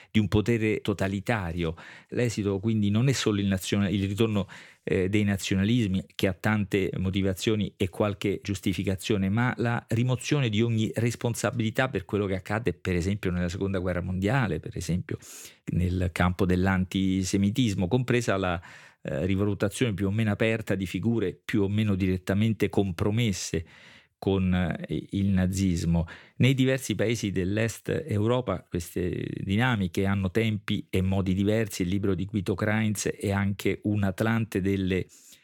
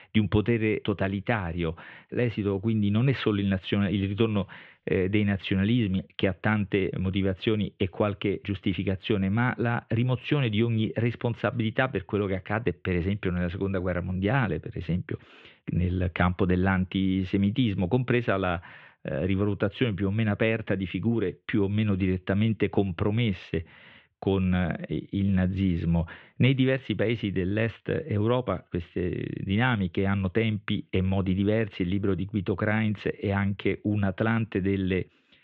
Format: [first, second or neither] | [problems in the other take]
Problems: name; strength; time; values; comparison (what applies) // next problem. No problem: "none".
first | muffled; very; fading above 3 kHz